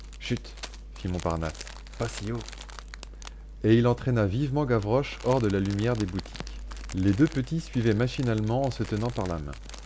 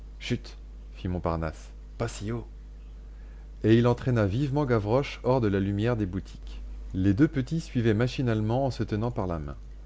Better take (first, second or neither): second